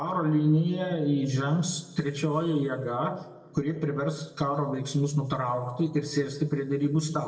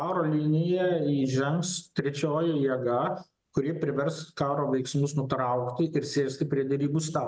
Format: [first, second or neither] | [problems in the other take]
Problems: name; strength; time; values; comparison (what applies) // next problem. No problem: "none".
second | room echo; dies away in 1.5 s